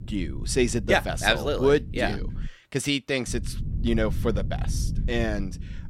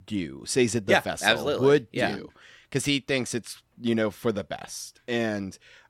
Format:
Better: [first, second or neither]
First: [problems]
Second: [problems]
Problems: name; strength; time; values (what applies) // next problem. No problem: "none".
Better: second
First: low rumble; noticeable; until 2.5 s and from 3.5 s on; 20 dB below the speech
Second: none